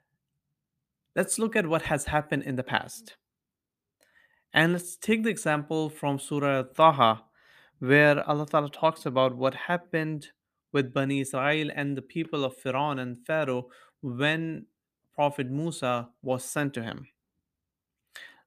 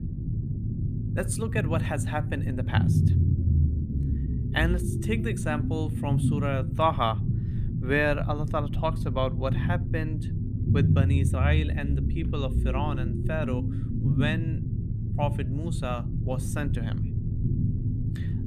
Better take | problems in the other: first | low rumble; loud; throughout; 8 dB below the speech

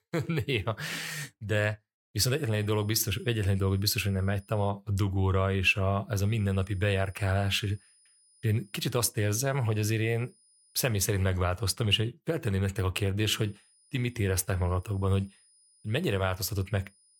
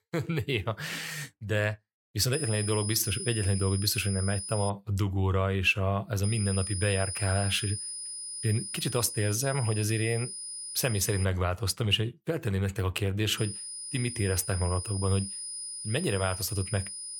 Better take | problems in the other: first | high-pitched whine; loud; from 2.5 to 4.5 s, from 6 to 11 s and from 13 s on; 9.5 kHz, 6 dB below the speech; faint in the first

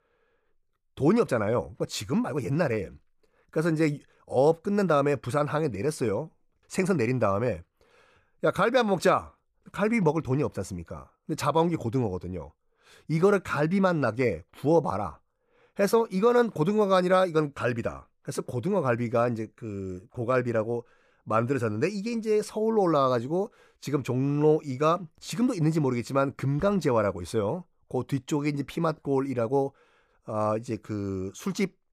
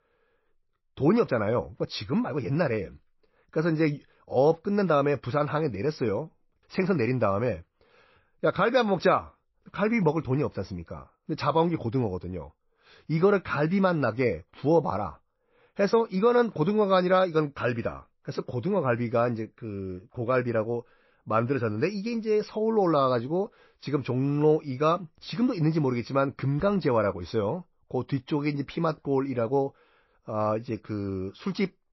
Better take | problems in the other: first | garbled, watery; slightly; nothing above 5.5 kHz

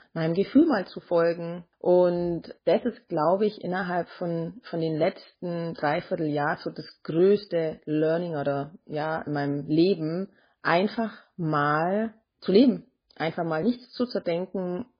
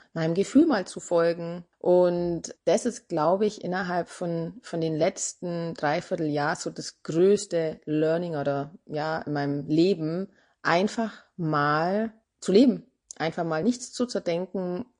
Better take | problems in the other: second | garbled, watery; badly; slightly in the second

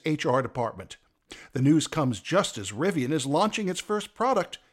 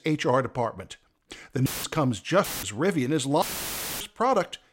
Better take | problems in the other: first | audio cutting out; filled with static; at 1.5 s, at 2.5 s and at 3.5 s for 0.5 s

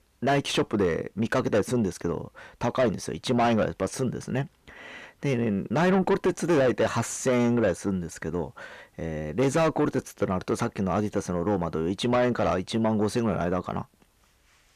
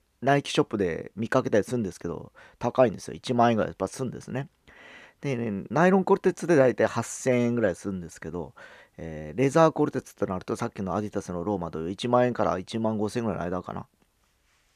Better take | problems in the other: second | distortion; heavy; 6 dB below the speech

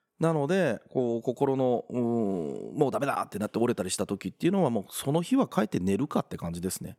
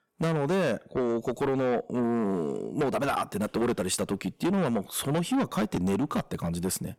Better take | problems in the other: first | distortion; heavy; 7 dB below the speech

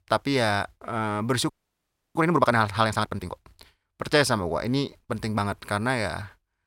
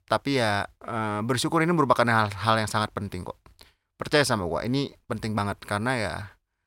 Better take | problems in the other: second | audio freezing; at 1.5 s for 0.5 s

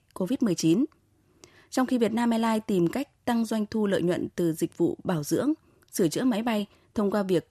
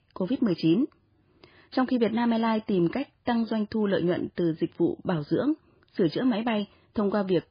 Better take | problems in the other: first | garbled, watery; badly; nothing above 5 kHz

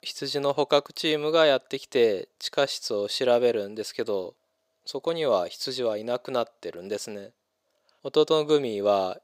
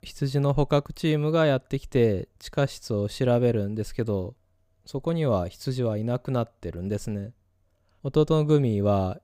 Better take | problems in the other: second | thin; very; fading below 450 Hz

